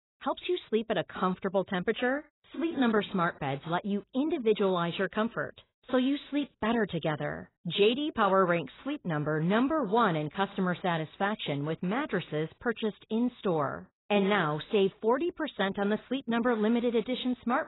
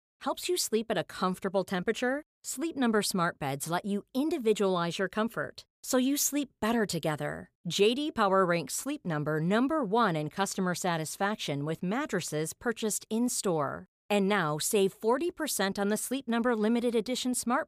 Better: second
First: garbled, watery; badly; nothing above 4 kHz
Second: none

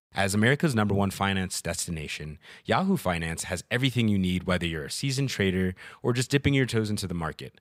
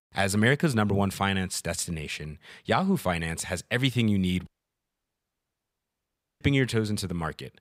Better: first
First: none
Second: audio cutting out; at 4.5 s for 2 s

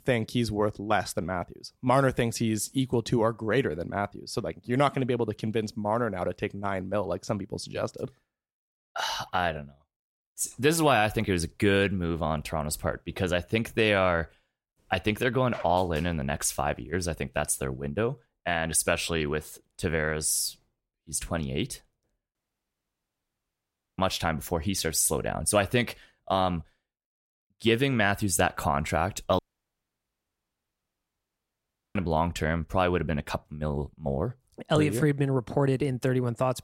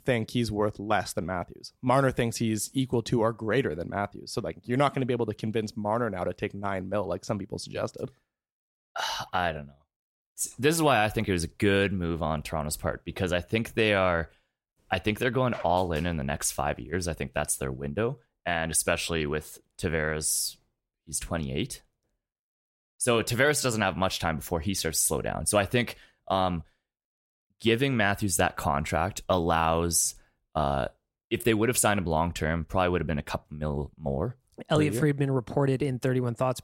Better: second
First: audio cutting out; at 22 s for 1.5 s and at 29 s for 2.5 s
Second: none

